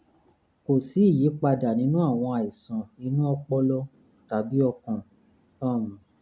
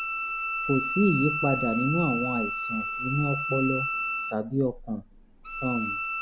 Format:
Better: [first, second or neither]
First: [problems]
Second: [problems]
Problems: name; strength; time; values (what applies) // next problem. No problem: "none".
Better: first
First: none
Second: background sound (Bowed string instrument); 3 dB below the speech